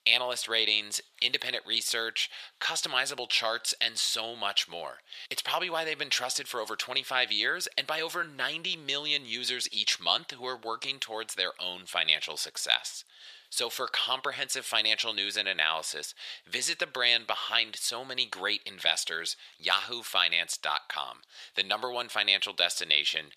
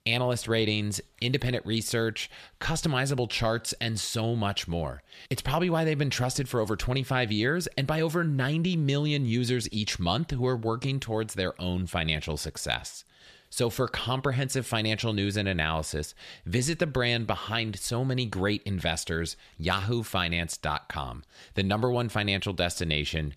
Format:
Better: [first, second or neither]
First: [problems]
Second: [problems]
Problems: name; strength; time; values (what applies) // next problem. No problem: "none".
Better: second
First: thin; very; fading below 750 Hz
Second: none